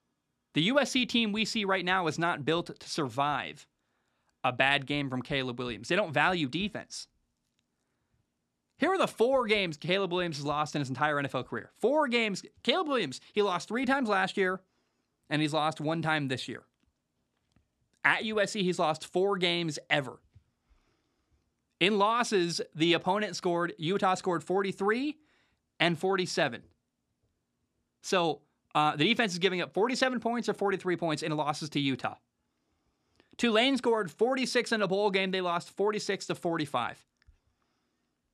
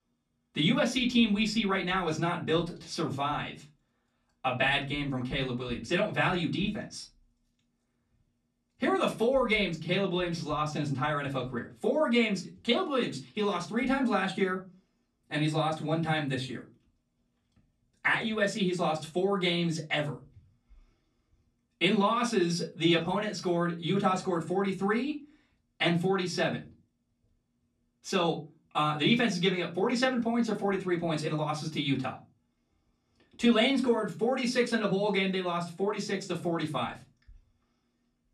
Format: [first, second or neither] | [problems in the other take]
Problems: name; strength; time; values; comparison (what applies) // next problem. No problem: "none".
first | off-mic speech; far // room echo; very slight; dies away in 0.3 s